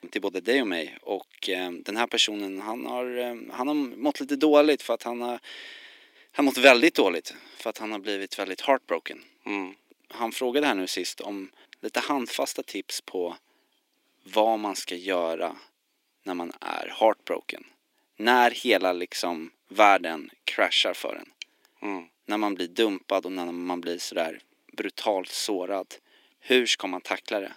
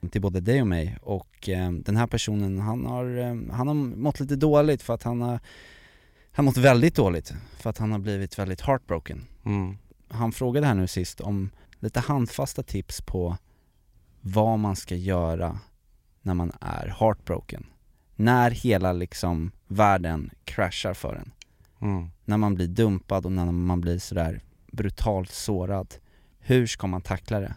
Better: second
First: thin; somewhat; fading below 300 Hz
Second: none

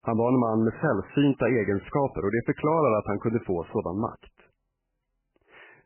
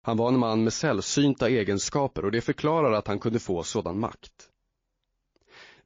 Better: second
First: garbled, watery; badly; nothing above 3 kHz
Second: garbled, watery; slightly

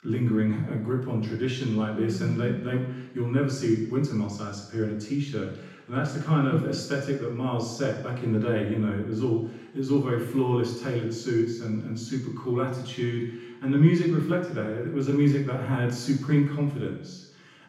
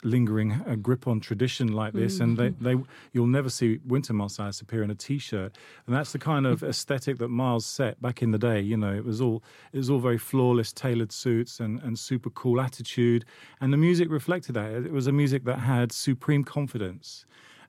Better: second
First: room echo; noticeable; dies away in 0.9 s // off-mic speech; far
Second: none

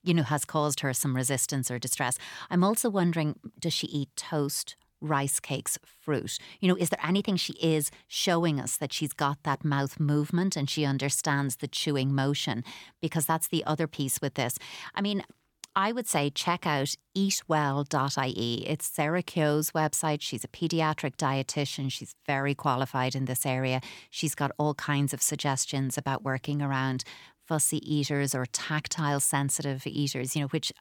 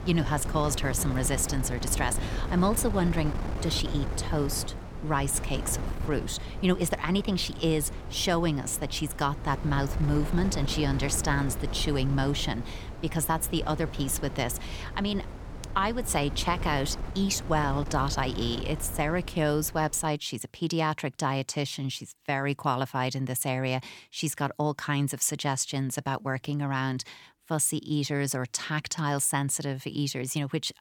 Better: first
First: none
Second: wind noise on the microphone; occasional gusts; until 20 s; 10 dB below the speech

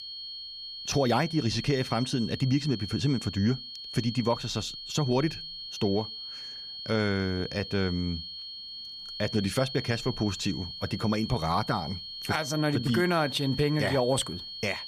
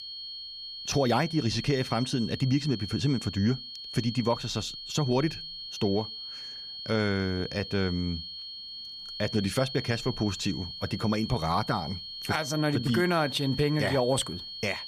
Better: neither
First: high-pitched whine; loud; throughout; 4.5 kHz, 8 dB below the speech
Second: high-pitched whine; loud; throughout; 4.5 kHz, 8 dB below the speech

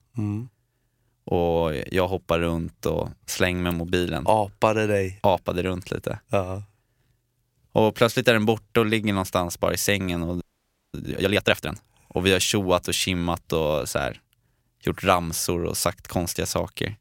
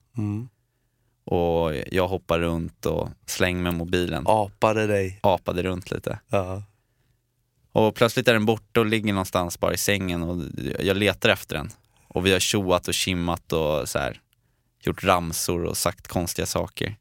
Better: second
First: audio freezing; at 10 s for 0.5 s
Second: none

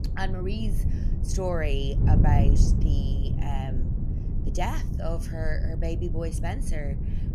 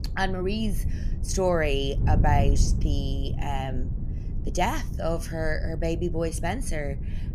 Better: second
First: wind noise on the microphone; heavy; 6 dB below the speech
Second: wind noise on the microphone; occasional gusts; 15 dB below the speech

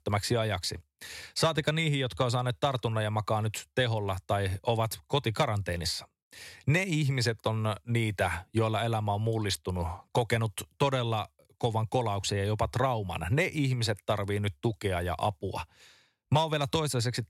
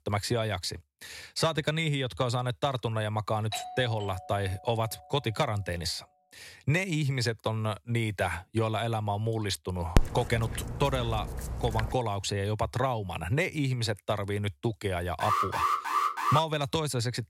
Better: first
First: none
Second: doorbell; noticeable; from 3.5 to 5 s; peak 7 dB below the speech // dog barking; loud; from 10 to 12 s; peak 2 dB above the speech // alarm; loud; from 15 to 16 s; peak 3 dB above the speech

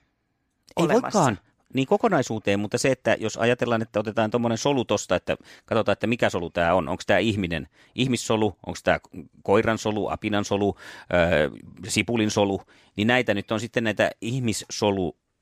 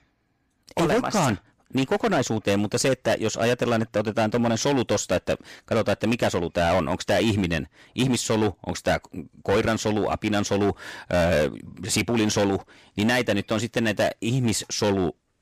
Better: first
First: none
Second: distortion; heavy; 14% of the sound clipped

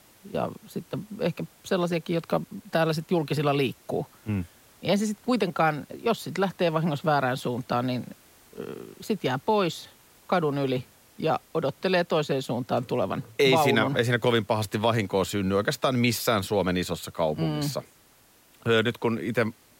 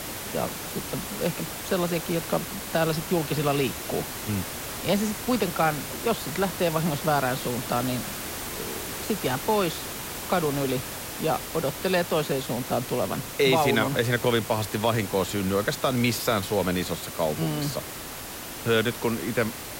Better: first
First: hiss; faint; throughout; 30 dB below the speech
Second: hiss; loud; throughout; 7 dB below the speech

